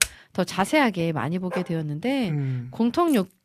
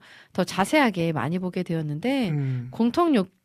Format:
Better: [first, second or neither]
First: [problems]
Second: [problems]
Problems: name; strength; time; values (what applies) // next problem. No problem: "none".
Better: second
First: keyboard typing; very faint; at the start; peak level with the speech // dog barking; faint; at 1.5 s; peak 10 dB below the speech // jangling keys; very faint; at 3 s; peak 20 dB below the speech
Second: none